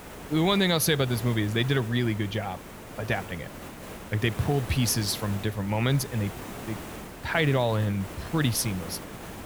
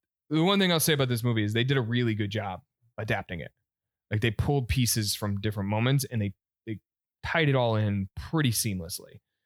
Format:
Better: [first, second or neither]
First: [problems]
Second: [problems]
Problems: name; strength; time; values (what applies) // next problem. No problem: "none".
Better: second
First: hiss; noticeable; throughout; 15 dB below the speech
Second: none